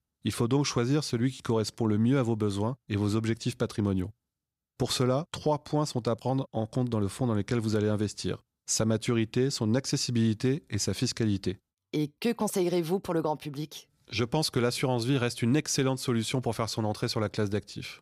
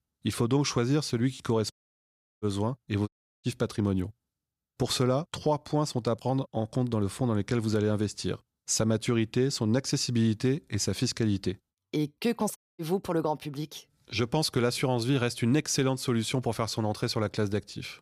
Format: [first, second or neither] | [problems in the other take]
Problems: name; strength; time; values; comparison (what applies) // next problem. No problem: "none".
first | audio cutting out; at 1.5 s for 0.5 s, at 3 s and at 13 s